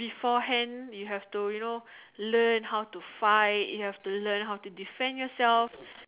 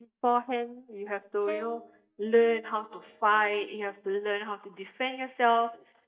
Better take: first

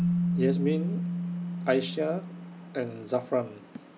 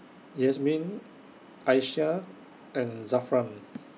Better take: second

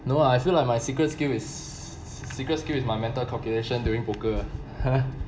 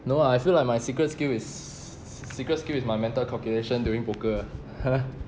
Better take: second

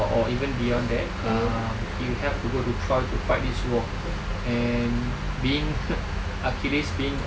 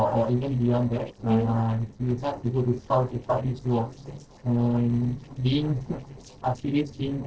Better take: first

